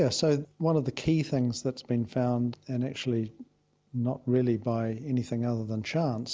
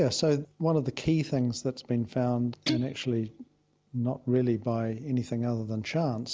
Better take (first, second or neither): first